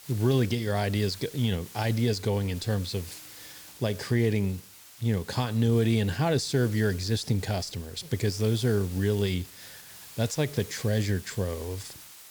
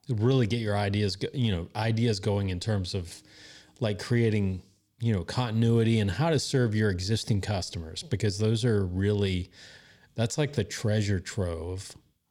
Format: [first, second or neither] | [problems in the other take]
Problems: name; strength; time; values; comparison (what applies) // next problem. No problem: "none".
second | hiss; noticeable; throughout; 15 dB below the speech